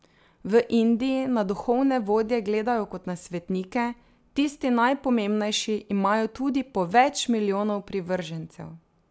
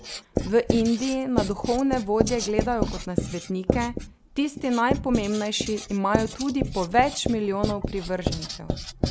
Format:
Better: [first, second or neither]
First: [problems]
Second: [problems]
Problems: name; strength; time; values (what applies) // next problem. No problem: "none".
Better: first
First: none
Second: background sound (Writing); 3 dB below the speech